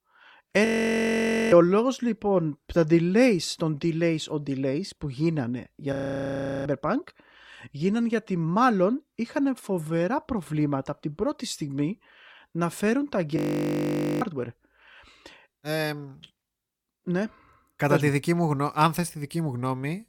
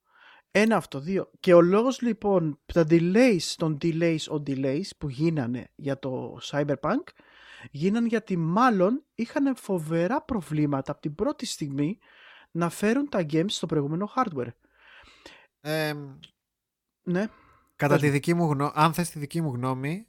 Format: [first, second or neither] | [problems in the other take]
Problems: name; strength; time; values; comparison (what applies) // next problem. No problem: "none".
second | audio freezing; at 0.5 s for 1 s, at 6 s for 0.5 s and at 13 s for 1 s